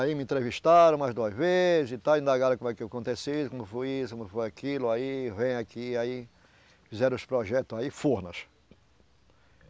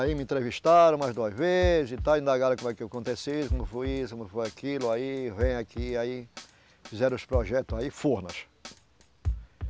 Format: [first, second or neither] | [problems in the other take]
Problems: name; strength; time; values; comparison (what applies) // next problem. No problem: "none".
first | background sound (Drum kit); 9 dB below the speech